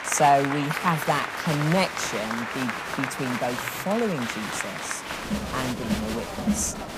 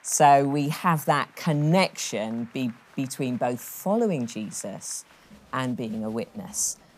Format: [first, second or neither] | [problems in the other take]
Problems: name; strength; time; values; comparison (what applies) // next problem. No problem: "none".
second | crowd noise; loud; throughout; 3 dB below the speech; faint in the second